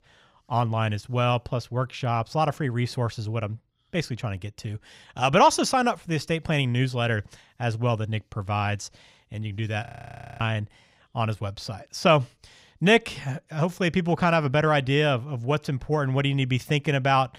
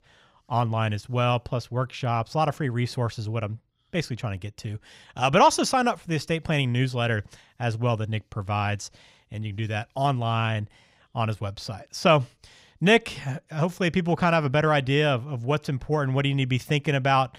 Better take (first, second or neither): second